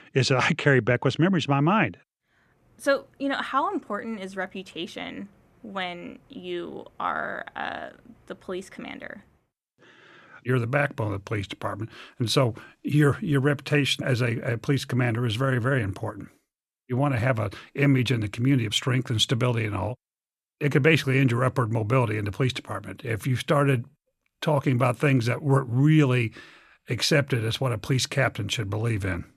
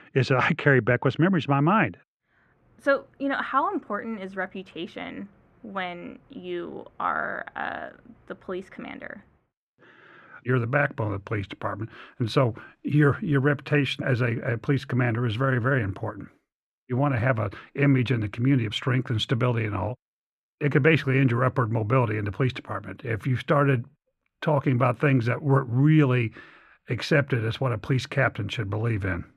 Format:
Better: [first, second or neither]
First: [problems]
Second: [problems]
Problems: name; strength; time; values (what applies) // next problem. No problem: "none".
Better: first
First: none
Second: muffled; slightly; fading above 4 kHz